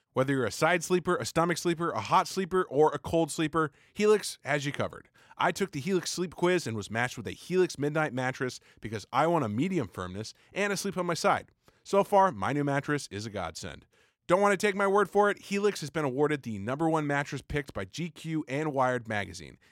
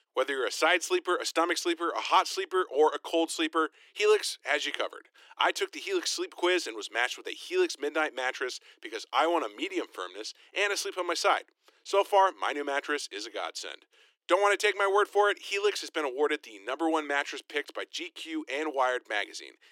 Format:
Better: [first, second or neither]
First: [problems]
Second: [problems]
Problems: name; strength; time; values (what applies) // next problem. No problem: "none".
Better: first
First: none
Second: thin; very; fading below 300 Hz